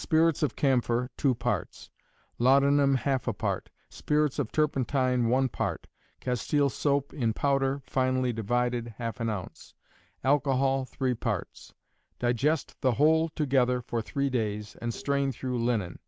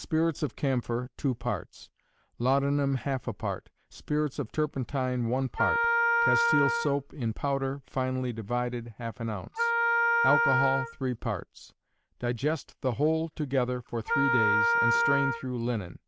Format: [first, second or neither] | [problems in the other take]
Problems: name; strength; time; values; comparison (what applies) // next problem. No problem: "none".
first | background sound (Wind instrument, woodwind instrument); 2 dB above the speech